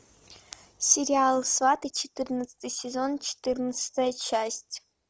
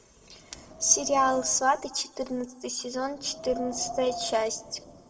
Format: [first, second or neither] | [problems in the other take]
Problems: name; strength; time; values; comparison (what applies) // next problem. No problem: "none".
first | background sound (Wind); 14 dB below the speech // room echo; dies away in 1.1 s